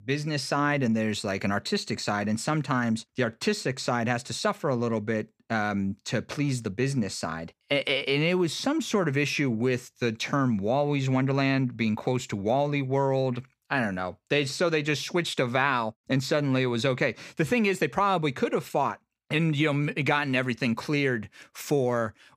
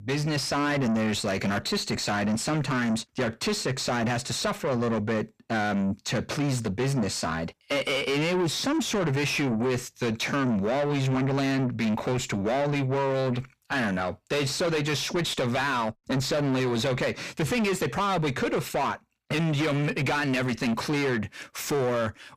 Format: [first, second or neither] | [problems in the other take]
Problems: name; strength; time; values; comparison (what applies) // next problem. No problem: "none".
first | distortion; heavy; 6 dB below the speech